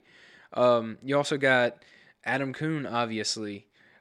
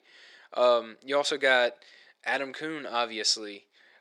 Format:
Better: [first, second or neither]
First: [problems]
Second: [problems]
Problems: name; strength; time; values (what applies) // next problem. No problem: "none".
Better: first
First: none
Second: thin; somewhat; fading below 450 Hz